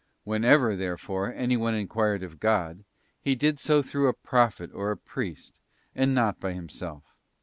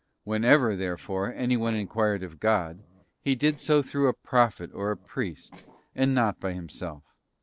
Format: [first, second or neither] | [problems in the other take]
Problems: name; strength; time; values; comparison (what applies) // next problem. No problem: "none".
first | noise reduction (neural separator model SepFormer DNS4)